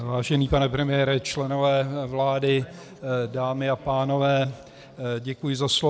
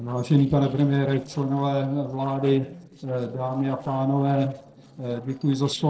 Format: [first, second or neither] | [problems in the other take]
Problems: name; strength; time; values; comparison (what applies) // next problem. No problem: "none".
first | noise reduction (neural separator model SepFormer DNS4)